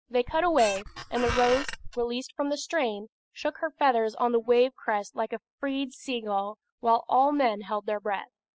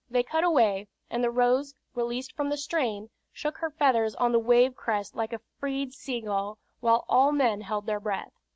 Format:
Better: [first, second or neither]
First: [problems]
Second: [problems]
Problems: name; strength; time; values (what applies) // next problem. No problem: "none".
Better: second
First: noise reduction (classical method spectral subtraction)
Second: none